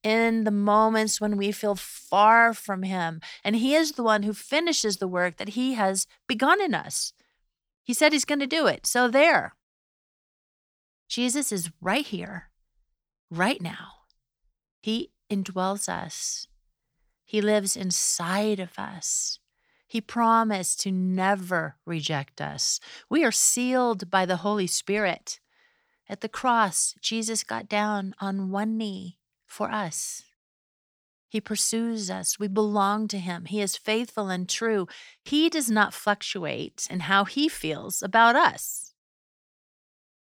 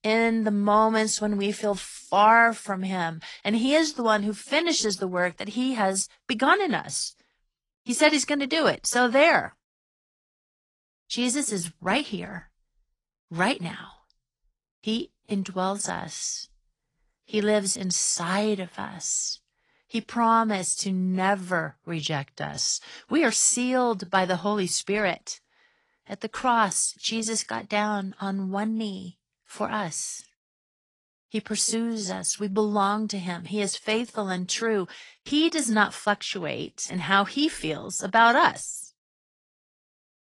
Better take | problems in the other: first | garbled, watery; slightly; nothing above 10.5 kHz

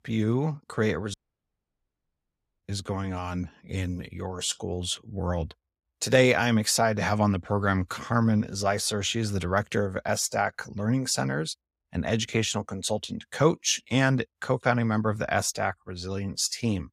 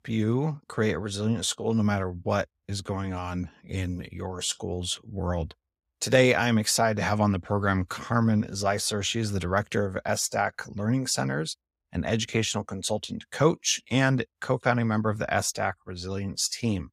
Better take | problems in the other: second | audio cutting out; at 1 s for 1.5 s

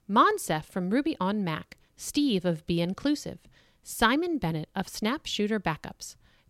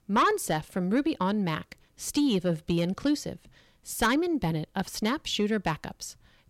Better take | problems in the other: first | distortion; slight; 10 dB below the speech

